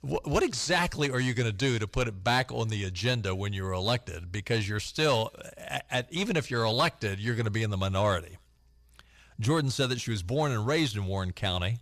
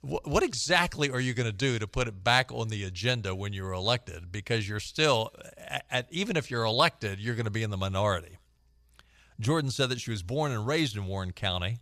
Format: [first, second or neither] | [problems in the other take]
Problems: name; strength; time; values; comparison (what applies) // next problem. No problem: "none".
second | distortion; slight; 10 dB below the speech